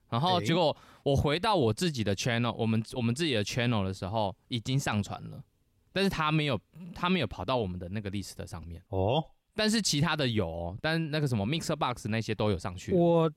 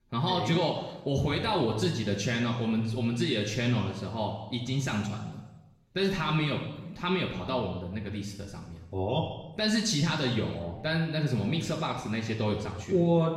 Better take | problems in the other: first | room echo; noticeable; dies away in 1 s // off-mic speech; far

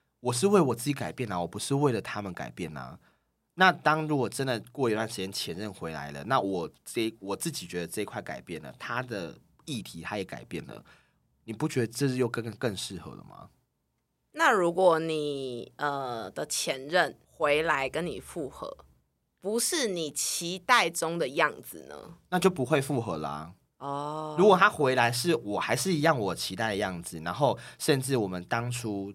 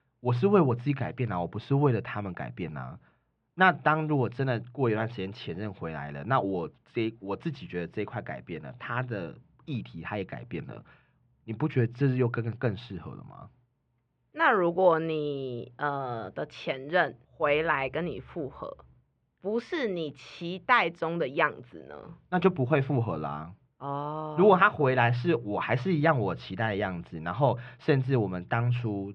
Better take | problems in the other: first | muffled; very; fading above 3 kHz

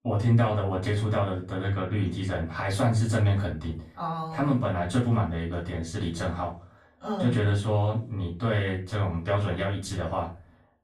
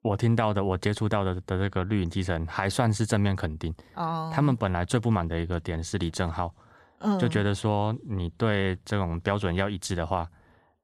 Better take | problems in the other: second | room echo; slight; dies away in 0.3 s // off-mic speech; far

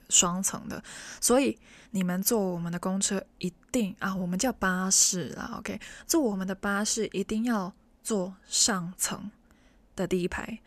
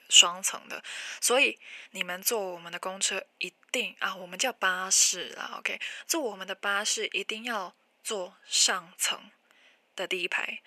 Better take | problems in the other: first | thin; very; fading below 550 Hz

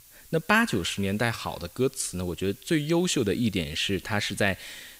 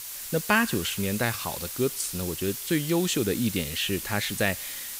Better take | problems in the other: first | hiss; loud; throughout; 6 dB below the speech; faint in the first

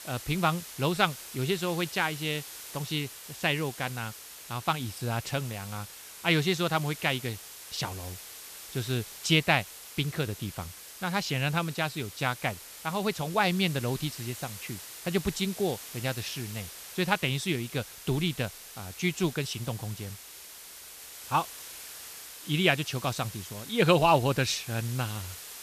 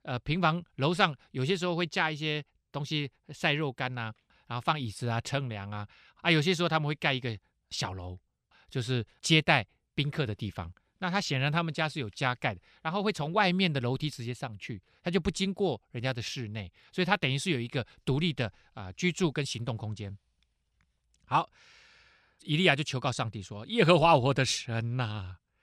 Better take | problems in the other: second | hiss; noticeable; throughout; 10 dB below the speech

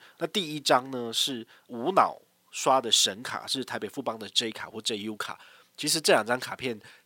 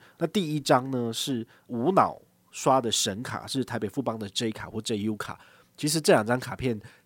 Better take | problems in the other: second | thin; very slightly; fading below 550 Hz

